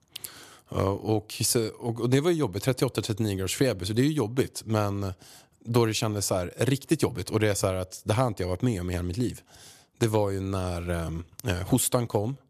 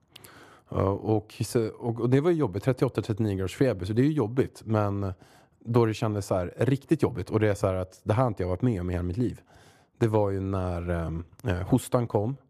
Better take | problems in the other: first | muffled; slightly; fading above 2.5 kHz

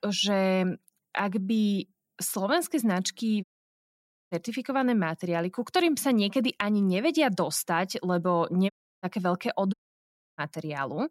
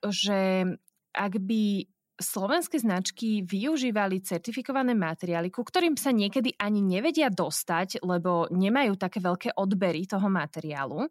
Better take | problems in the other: second | audio cutting out; at 3.5 s for 1 s, at 8.5 s and at 9.5 s for 0.5 s

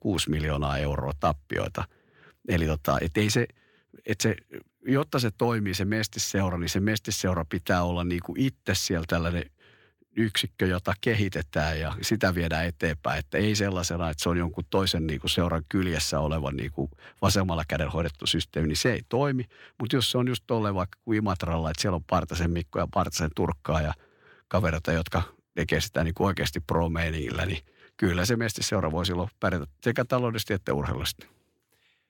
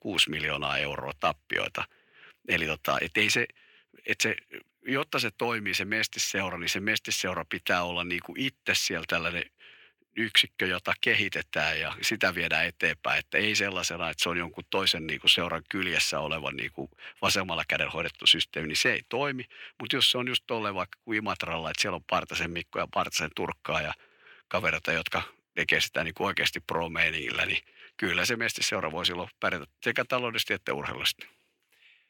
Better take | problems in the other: first | thin; somewhat; fading below 850 Hz

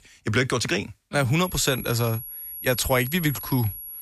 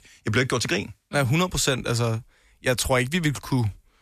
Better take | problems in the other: second | high-pitched whine; loud; from 1.5 s on; 11.5 kHz, 9 dB below the speech

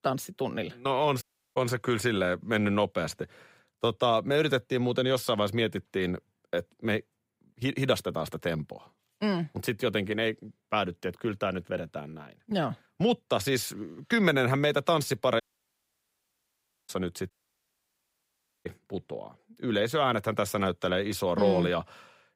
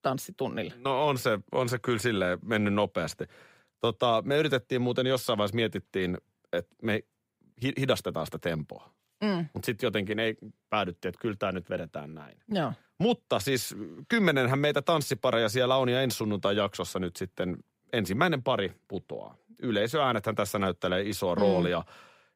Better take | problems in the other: second | audio cutting out; at 1 s, at 15 s for 1.5 s and at 17 s for 1.5 s

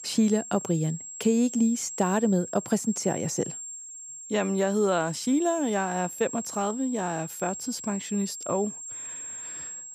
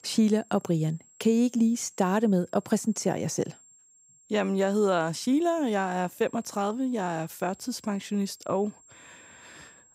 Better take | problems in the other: second | high-pitched whine; loud; throughout; 7.5 kHz, 9 dB below the speech; faint in the second

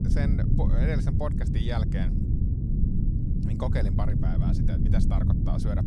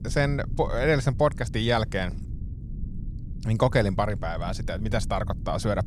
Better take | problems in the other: second | low rumble; loud; throughout; 1 dB below the speech; faint in the second

